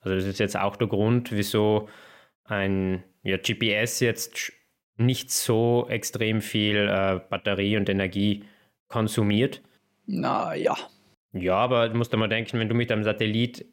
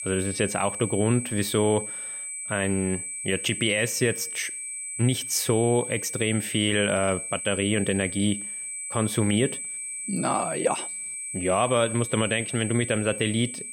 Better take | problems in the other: first | high-pitched whine; loud; throughout; 8 kHz, 6 dB below the speech

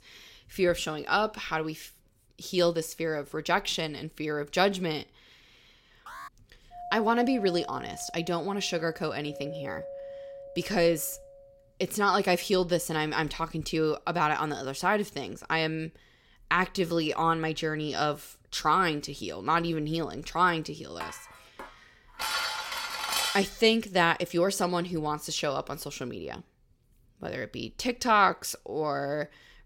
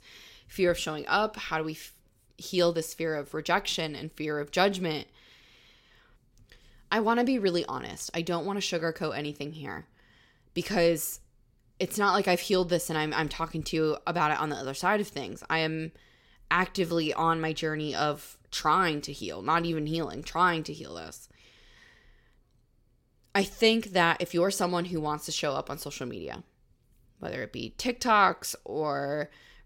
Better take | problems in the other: second | alarm; faint; at 6 s; peak 15 dB below the speech // doorbell; noticeable; from 6.5 to 12 s; peak 10 dB below the speech // clattering dishes; loud; from 21 to 23 s; peak 1 dB above the speech

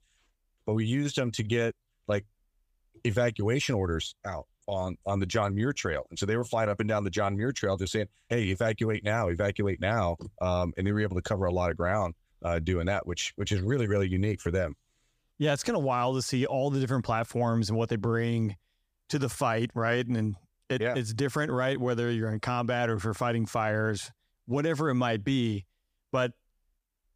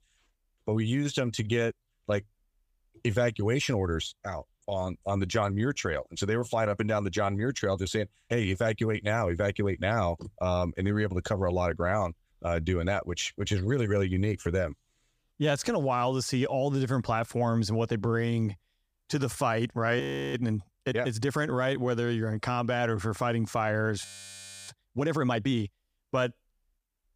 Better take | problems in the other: first | audio freezing; at 20 s and at 24 s for 0.5 s

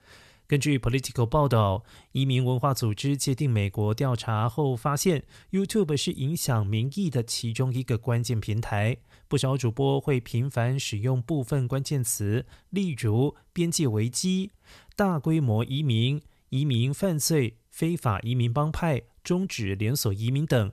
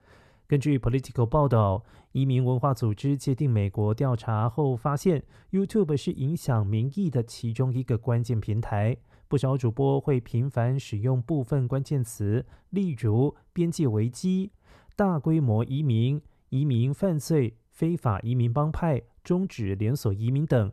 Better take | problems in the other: first | muffled; slightly; fading above 2 kHz

